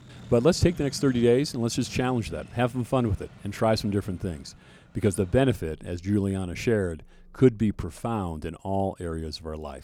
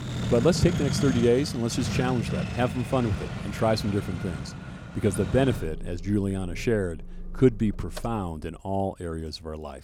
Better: first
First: traffic noise; faint; throughout; 20 dB below the speech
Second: traffic noise; loud; throughout; 6 dB below the speech

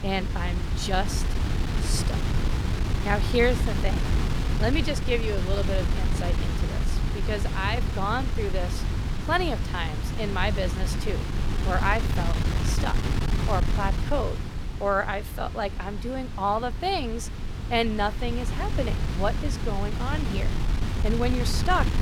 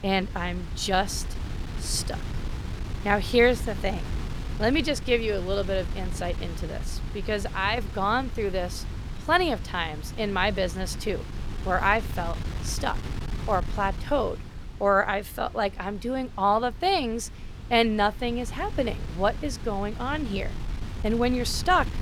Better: second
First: wind noise on the microphone; heavy; 7 dB below the speech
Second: wind noise on the microphone; occasional gusts; 15 dB below the speech

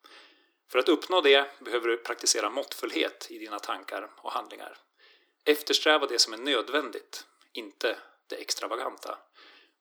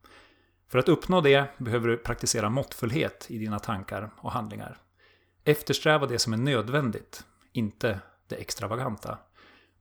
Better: second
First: thin; somewhat; fading below 300 Hz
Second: none

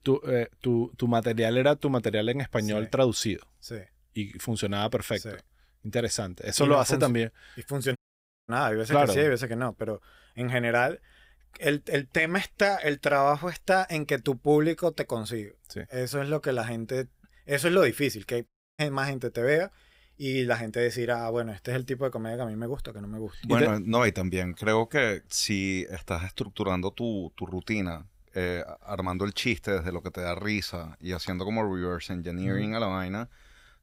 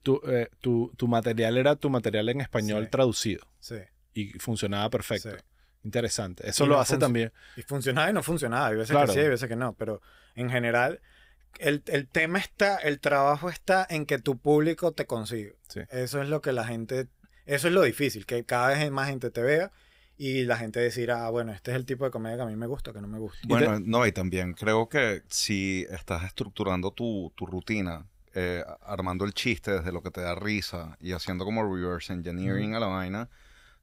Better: second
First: audio cutting out; at 8 s for 0.5 s and at 18 s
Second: none

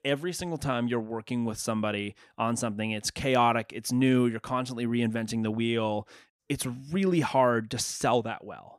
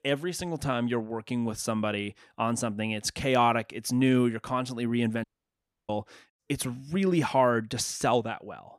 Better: first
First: none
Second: audio cutting out; at 5 s for 0.5 s

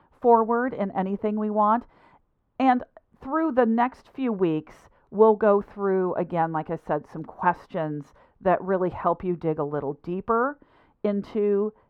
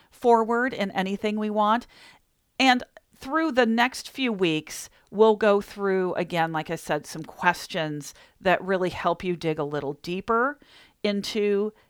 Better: second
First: muffled; very; fading above 2 kHz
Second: none

